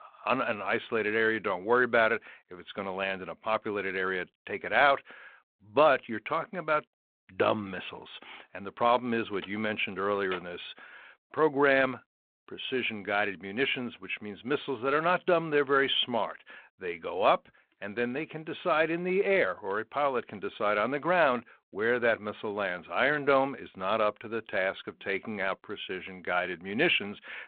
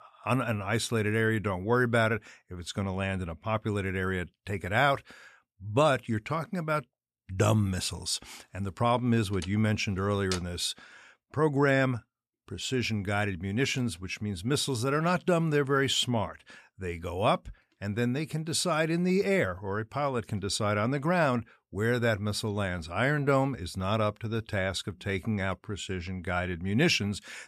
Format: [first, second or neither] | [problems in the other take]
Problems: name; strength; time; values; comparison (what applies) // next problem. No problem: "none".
second | phone-call audio